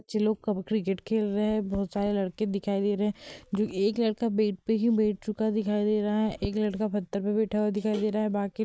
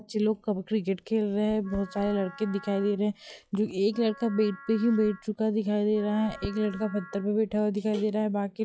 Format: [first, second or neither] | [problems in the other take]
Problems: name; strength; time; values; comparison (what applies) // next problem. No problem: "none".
first | noise reduction (classical method log-MMSE)